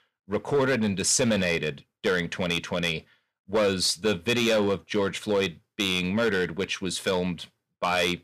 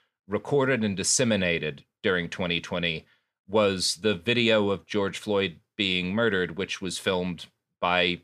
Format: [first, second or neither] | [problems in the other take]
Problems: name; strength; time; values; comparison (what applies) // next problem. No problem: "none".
second | distortion; slight; 6% of the sound clipped